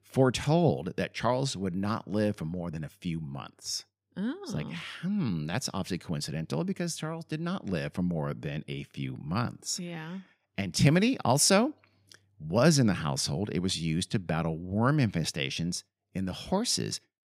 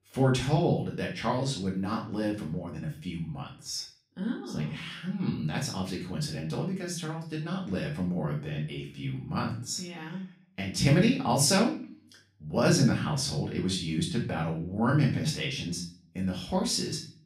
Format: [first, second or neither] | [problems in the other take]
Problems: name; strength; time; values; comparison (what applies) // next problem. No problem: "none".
first | room echo; slight; dies away in 0.4 s // off-mic speech; far